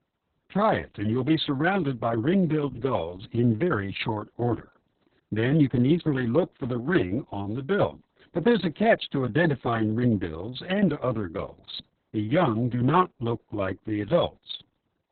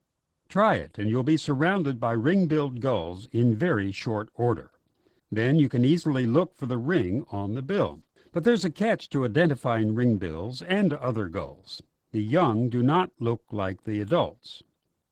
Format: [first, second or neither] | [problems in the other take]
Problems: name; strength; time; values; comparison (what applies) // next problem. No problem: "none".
second | garbled, watery; badly; nothing above 4 kHz; slightly in the second